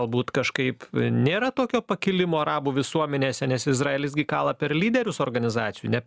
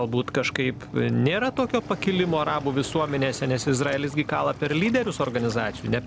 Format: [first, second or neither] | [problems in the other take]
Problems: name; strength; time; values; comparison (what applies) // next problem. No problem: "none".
first | background sound (Waves, surf); 14 dB below the speech